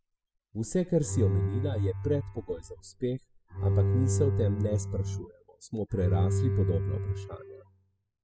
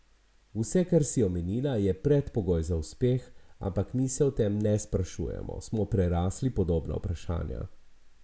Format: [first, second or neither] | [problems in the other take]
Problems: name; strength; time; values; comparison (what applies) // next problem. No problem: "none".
second | noise reduction (classical method spectral subtraction)